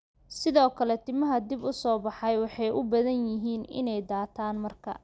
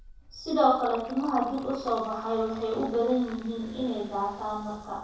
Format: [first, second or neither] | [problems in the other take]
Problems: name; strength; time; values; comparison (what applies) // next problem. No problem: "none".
first | background sound (Liquid); 19 dB below the speech // room echo; dies away in 0.7 s